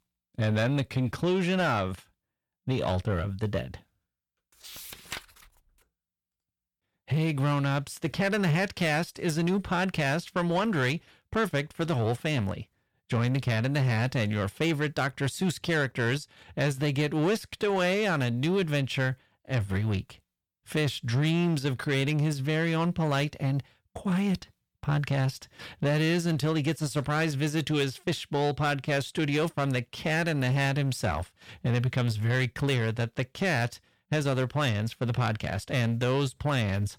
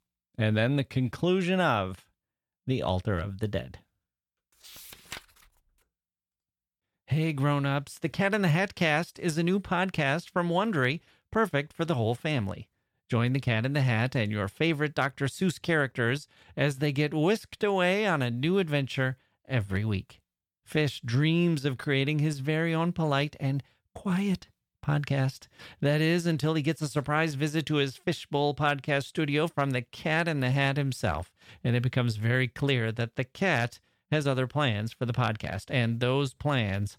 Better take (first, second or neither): second